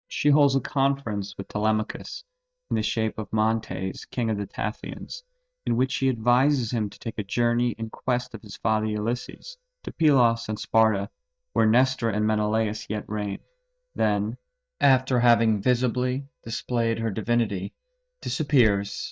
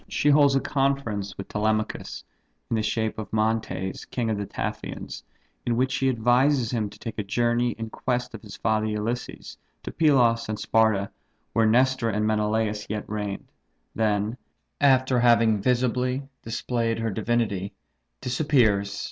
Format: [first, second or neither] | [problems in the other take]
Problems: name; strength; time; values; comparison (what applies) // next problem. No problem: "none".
second | noise reduction (neural mask model DeepFilterNet 3)